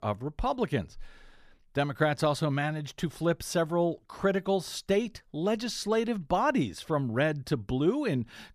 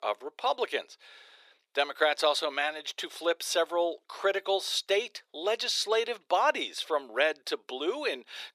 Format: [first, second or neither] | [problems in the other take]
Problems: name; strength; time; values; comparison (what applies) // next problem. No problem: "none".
first | thin; very; fading below 400 Hz